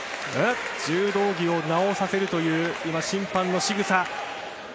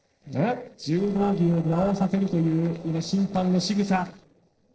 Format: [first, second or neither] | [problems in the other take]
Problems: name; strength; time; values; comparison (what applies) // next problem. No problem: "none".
first | noise reduction (neural separator model SepFormer DNS4)